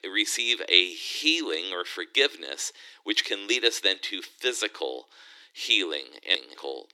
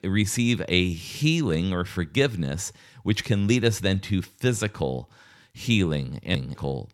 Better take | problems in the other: second | thin; very; fading below 300 Hz

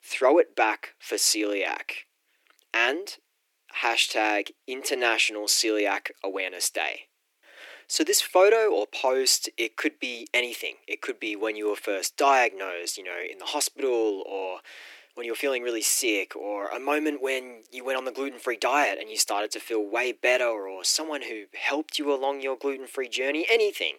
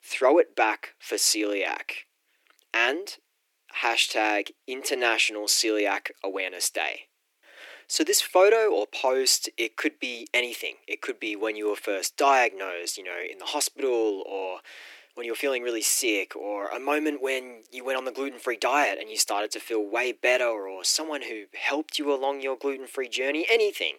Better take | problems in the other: neither | thin; very; fading below 300 Hz; the same in both

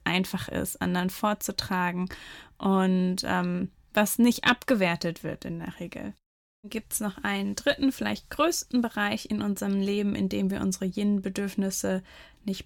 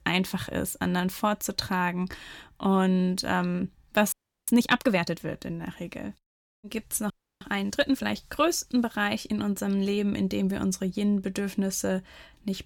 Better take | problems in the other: first | audio freezing; at 4 s and at 7 s

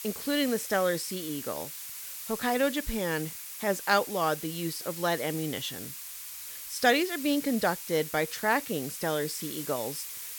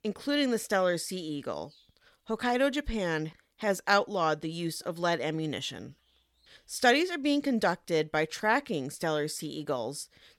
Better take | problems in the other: second | hiss; loud; throughout; 8 dB below the speech

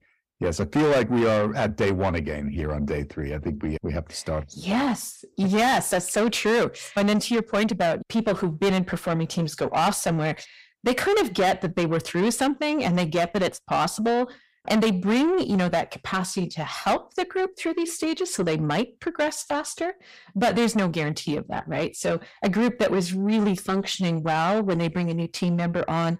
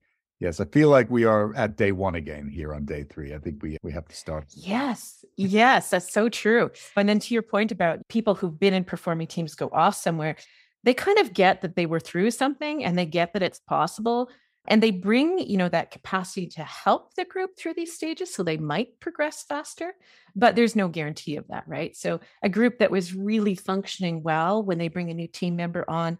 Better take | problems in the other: second | distortion; heavy; 6 dB below the speech

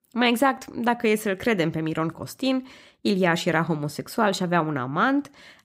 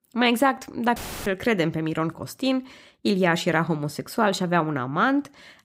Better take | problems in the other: first | audio cutting out; filled with static; at 1 s

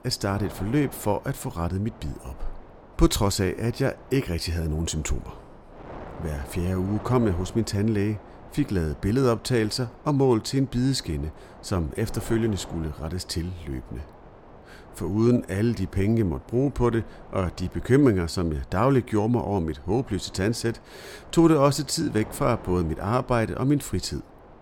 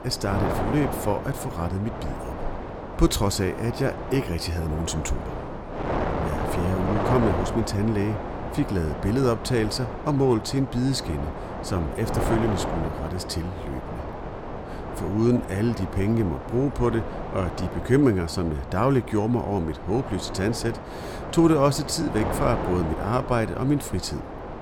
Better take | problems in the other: first | wind noise on the microphone; heavy; 5 dB below the speech; occasional gusts in the first

